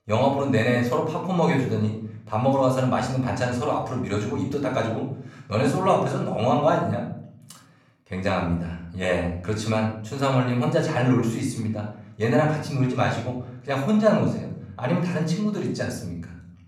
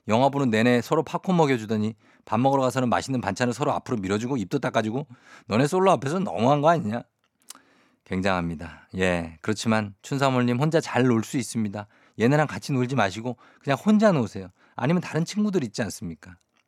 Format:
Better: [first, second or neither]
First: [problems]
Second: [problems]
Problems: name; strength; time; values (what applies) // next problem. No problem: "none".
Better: second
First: off-mic speech; somewhat distant // room echo; noticeable; dies away in 0.8 s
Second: none